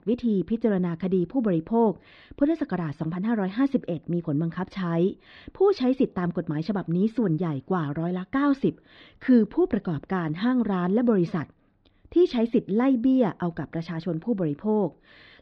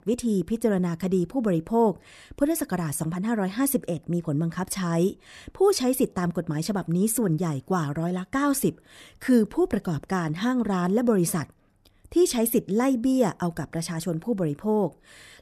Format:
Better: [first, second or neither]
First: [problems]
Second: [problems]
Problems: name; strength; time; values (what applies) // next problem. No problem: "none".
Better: second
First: muffled; slightly; fading above 4 kHz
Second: none